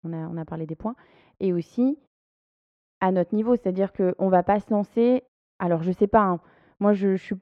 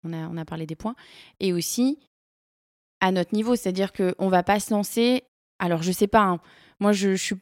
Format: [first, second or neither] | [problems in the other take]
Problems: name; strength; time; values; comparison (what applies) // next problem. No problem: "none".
second | muffled; very; fading above 3.5 kHz